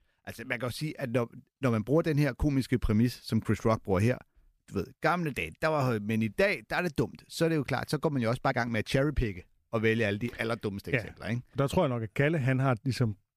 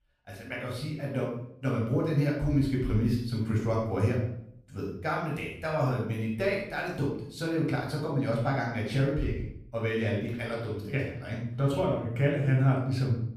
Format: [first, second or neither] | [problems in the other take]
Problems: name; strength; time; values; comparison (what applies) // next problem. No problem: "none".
first | off-mic speech; far // room echo; noticeable; dies away in 0.6 s